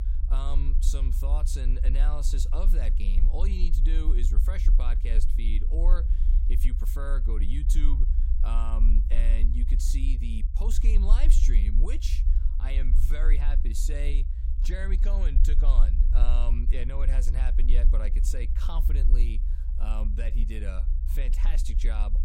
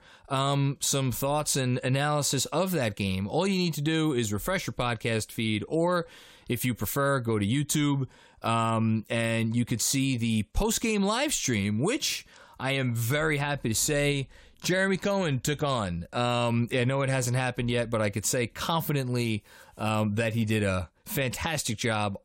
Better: second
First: low rumble; loud; throughout; 8 dB below the speech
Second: none

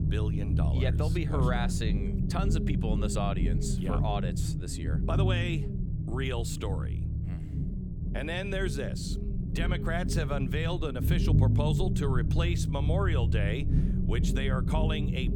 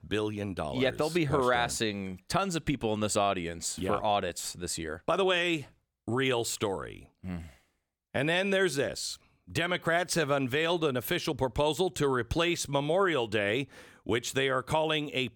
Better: second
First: low rumble; loud; throughout; 5 dB below the speech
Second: none

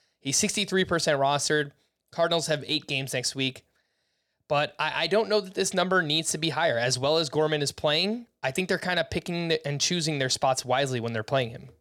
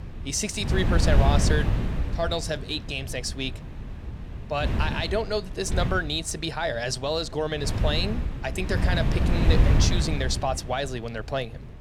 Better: first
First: none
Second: wind noise on the microphone; heavy; 7 dB below the speech

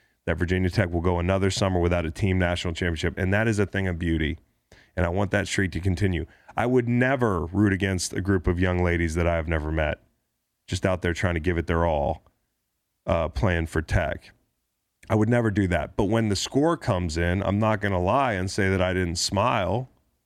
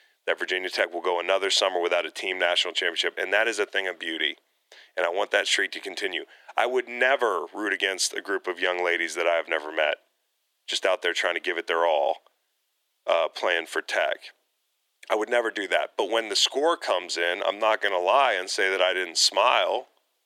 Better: first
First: none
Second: thin; very; fading below 400 Hz

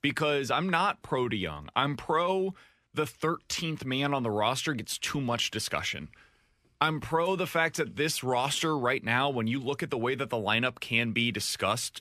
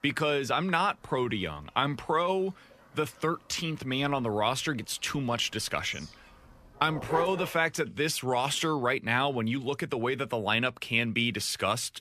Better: first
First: none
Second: animal sounds; noticeable; until 7.5 s; 15 dB below the speech

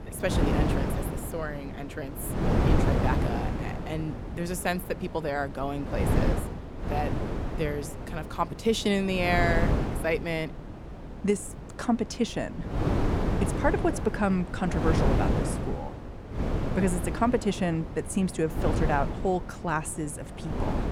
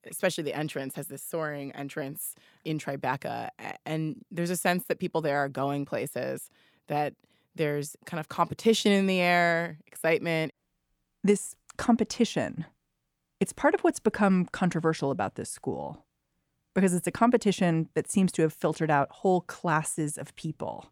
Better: second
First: wind noise on the microphone; heavy; 4 dB below the speech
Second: none

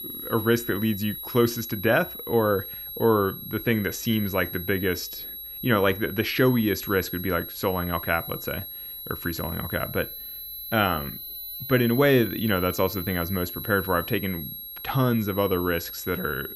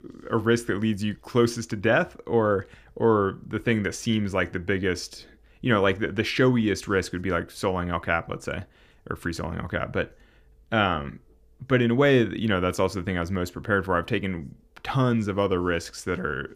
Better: second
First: high-pitched whine; loud; throughout; 11.5 kHz, 9 dB below the speech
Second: none

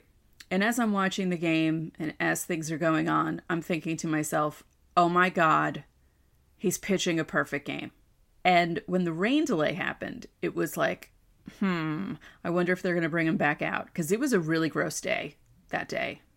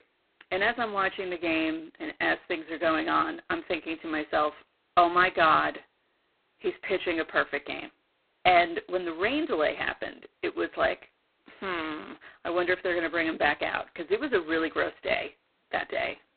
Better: first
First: none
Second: phone-call audio; poor line; nothing above 4 kHz

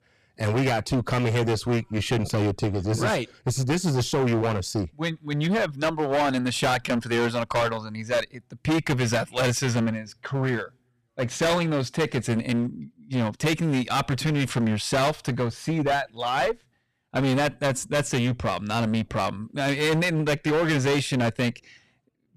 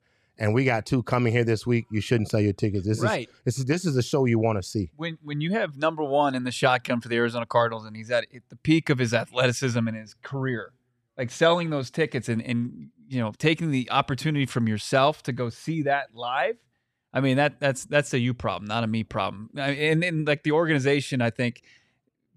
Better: second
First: distortion; heavy; 18% of the sound clipped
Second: none

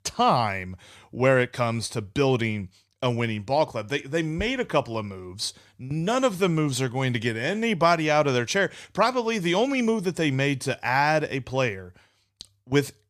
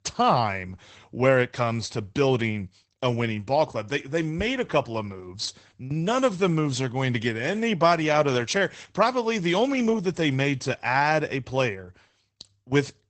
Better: first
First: none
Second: garbled, watery; badly; nothing above 8 kHz

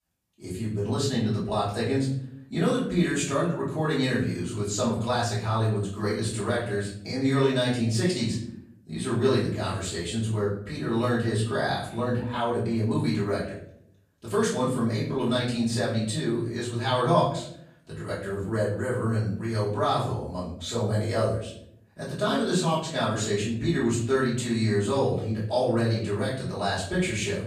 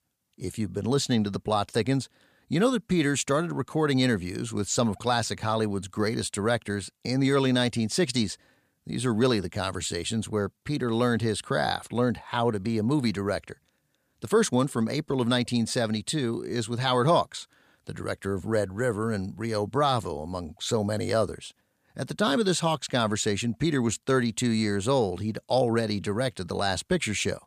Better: second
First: off-mic speech; far // room echo; noticeable; dies away in 0.6 s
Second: none

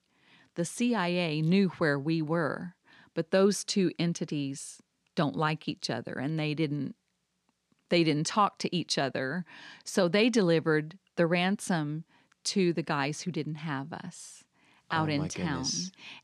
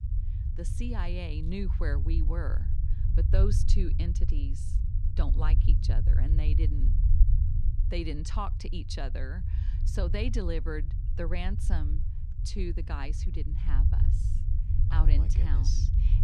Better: first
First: none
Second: low rumble; loud; throughout; 7 dB below the speech

